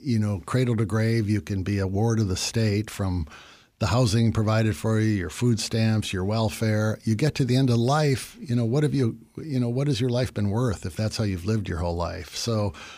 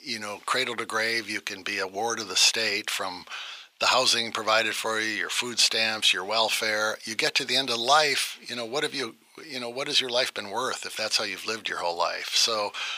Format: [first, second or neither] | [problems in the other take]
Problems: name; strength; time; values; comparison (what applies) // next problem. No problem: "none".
first | thin; very; fading below 800 Hz